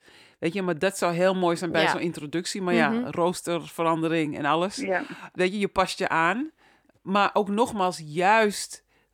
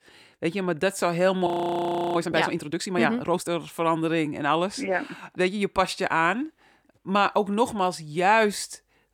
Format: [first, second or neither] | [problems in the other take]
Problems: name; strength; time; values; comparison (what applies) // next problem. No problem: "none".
first | audio freezing; at 1.5 s for 0.5 s